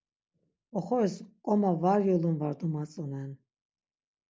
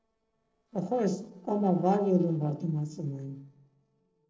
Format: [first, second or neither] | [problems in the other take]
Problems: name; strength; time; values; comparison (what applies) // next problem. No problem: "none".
first | noise reduction (neural separator model SepFormer DNS4)